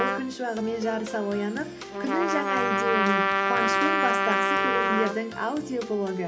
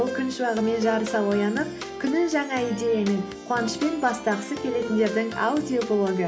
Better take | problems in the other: second | background sound (Trumpet); 2 dB above the speech

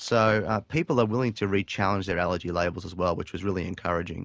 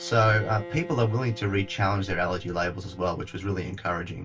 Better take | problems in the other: first | background sound (Bowed string instrument); 17 dB below the speech // room echo; dies away in 0.1 s

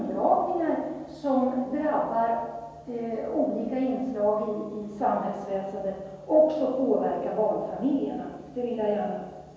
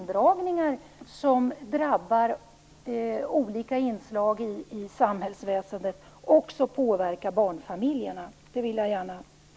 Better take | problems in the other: second | room echo; dies away in 1.2 s

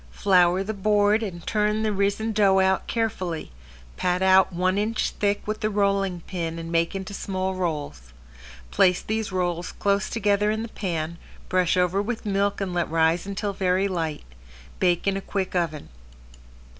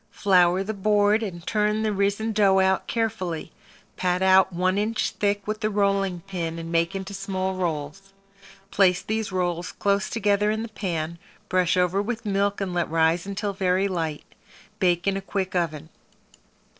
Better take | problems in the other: first | noise reduction (neural separator model SepFormer DNS4)

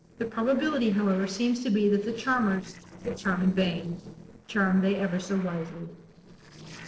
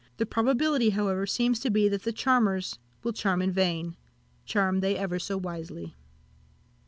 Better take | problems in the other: second | noise reduction (neural separator model SepFormer DNS4)

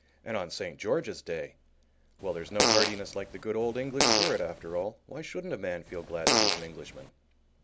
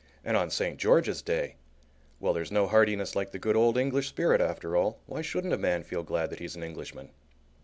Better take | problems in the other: second | background sound (Fart); 5 dB above the speech

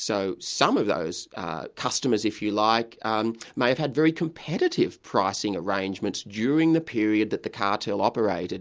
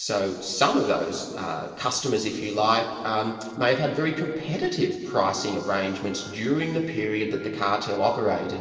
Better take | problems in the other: first | noise reduction (neural separator model SepFormer DNS4)

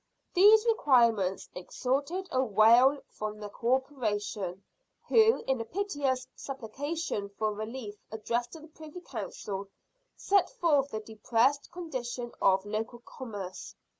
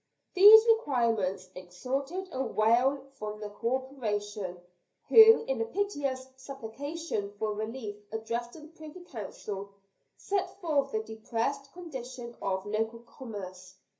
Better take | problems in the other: first | room echo; dies away in 0.3 s

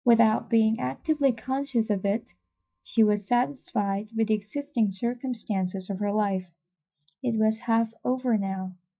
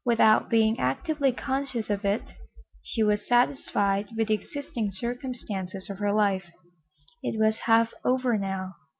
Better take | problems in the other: second | noise reduction (neural mask model DeepFilterNet 3)

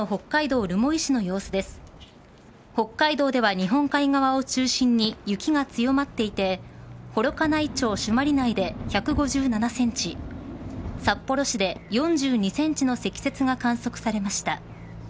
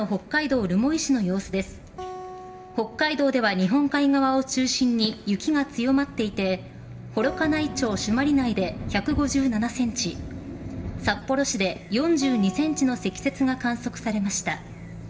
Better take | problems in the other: first | background sound (Acoustic guitar); 18 dB below the speech // room echo; dies away in 0.9 s

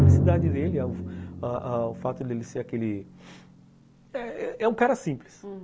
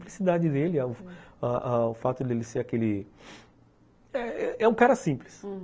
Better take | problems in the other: second | background sound (Drum); 2 dB above the speech

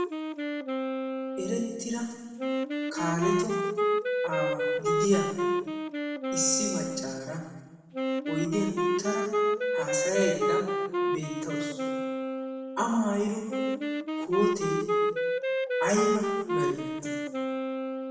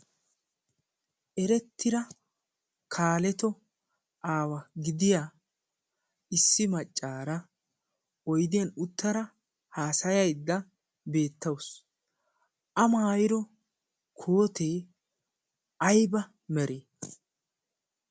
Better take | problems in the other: second | background sound (Wind instrument, woodwind instrument); 3 dB above the speech // room echo; dies away in 1.1 s

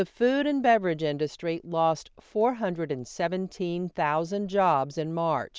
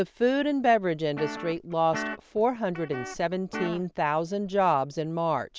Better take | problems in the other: first | background sound (Guitar); 11 dB below the speech

